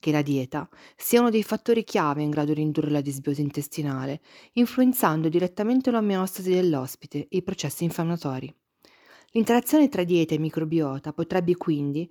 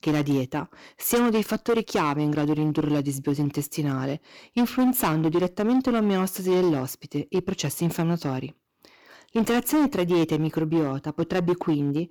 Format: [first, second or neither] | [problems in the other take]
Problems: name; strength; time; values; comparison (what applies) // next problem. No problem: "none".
first | distortion; slight; 10% of the sound clipped